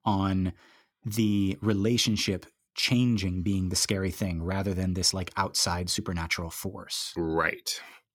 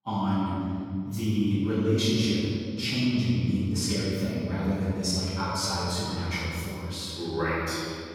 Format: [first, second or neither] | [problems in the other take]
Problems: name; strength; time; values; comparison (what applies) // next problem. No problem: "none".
first | room echo; strong; dies away in 2.4 s // off-mic speech; far